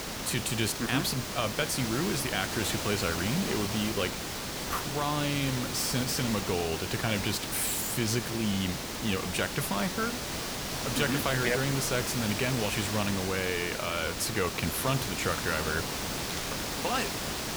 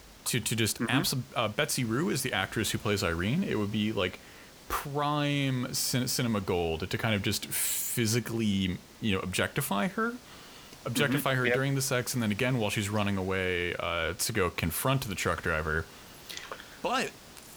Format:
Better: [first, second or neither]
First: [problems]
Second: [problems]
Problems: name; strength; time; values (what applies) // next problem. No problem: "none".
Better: second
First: hiss; loud; throughout; 2 dB below the speech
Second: hiss; faint; throughout; 20 dB below the speech